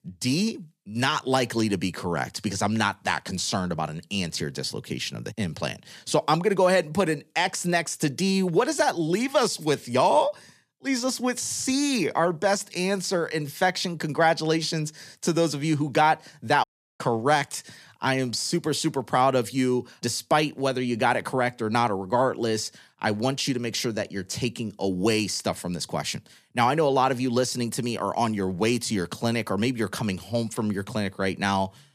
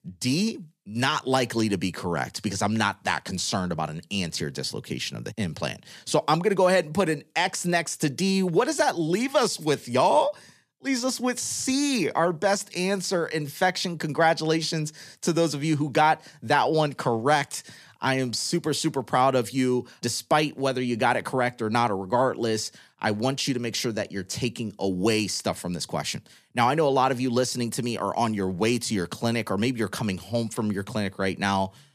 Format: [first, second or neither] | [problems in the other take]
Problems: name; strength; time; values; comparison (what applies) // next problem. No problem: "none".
second | audio cutting out; at 17 s